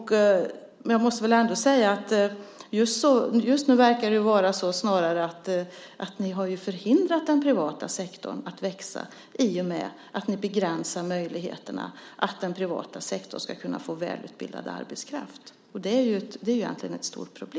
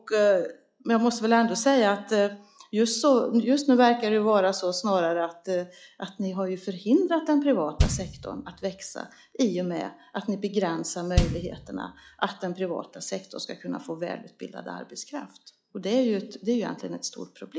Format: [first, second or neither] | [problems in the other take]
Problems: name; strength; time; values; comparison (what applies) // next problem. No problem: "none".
first | noise reduction (classical method log-MMSE)